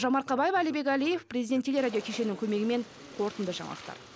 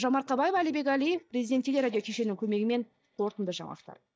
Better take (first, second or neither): first